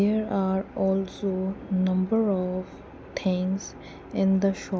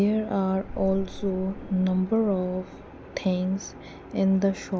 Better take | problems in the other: first | background sound (Boom); 15 dB below the speech

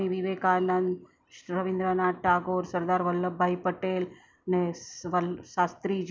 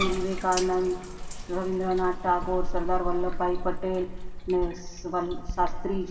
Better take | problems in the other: first | background sound (Bathtub (filling or washing)); 2 dB below the speech // room echo; dies away in 2.1 s

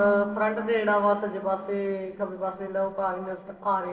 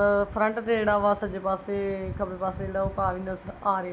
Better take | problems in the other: second | noise reduction (neural separator model SepFormer DNS4)

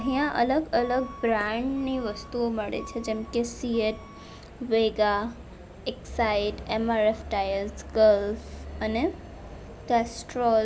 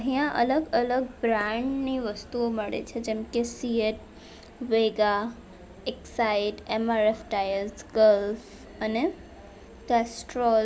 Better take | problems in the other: second | background sound (Alarm / Truck); 16 dB below the speech

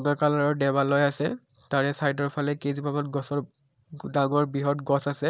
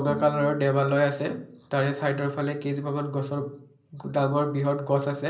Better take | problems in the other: first | background sound (Bowed string instrument); 17 dB below the speech // room echo; dies away in 0.5 s

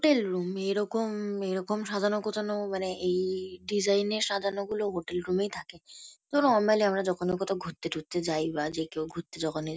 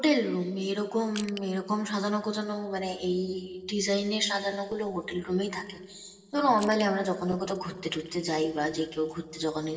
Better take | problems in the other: first | noise reduction (neural separator model SepFormer DNS4)

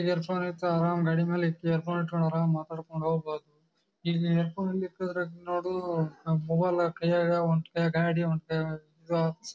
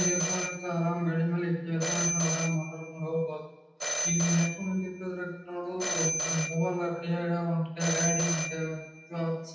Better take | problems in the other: first | background sound (Telephone); 4 dB below the speech // room echo; dies away in 0.9 s

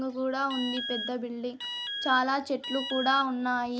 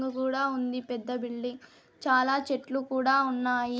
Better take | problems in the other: second | background sound (Alarm); 7 dB below the speech

